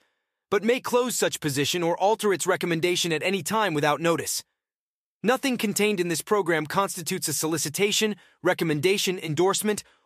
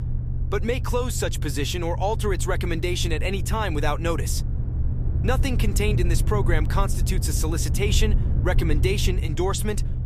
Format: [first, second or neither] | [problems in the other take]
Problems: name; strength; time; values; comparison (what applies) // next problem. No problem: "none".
first | low rumble; noticeable; throughout; 10 dB below the speech